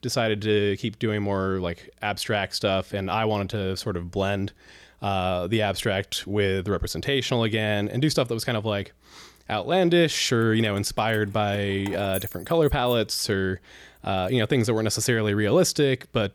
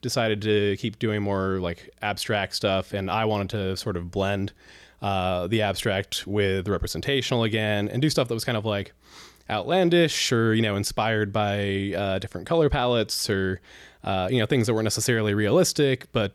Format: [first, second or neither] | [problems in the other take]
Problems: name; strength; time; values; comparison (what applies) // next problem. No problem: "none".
second | jangling keys; faint; from 10 to 13 s; peak 10 dB below the speech